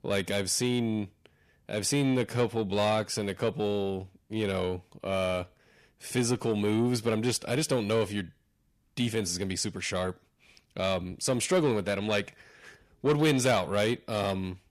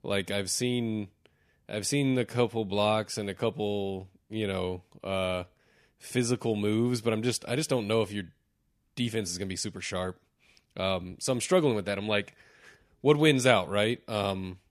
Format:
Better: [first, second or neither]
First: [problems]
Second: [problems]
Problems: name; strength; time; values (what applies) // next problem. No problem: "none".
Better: second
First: distortion; slight; 10 dB below the speech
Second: none